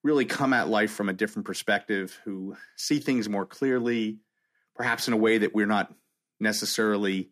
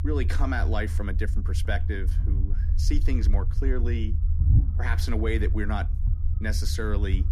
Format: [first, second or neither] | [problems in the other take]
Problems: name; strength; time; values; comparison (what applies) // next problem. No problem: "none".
first | low rumble; noticeable; throughout; 10 dB below the speech